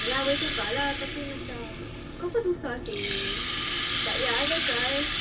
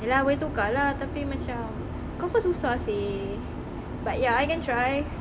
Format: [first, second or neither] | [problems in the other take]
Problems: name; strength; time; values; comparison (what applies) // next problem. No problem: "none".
second | background sound (Rattle (instrument)); as loud as the speech // room echo; dies away in 0.1 s